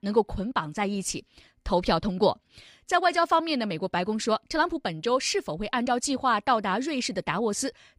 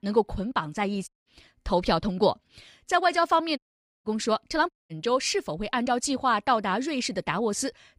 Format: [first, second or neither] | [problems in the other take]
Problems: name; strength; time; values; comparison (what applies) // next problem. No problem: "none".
first | audio cutting out; at 1 s, at 3.5 s and at 4.5 s